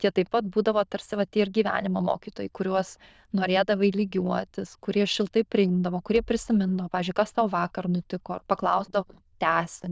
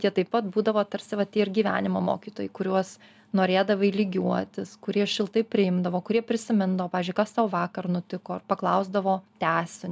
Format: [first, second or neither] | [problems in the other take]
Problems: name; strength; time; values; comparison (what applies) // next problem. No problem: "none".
second | noise reduction (neural diffusion model UNIVERSE++)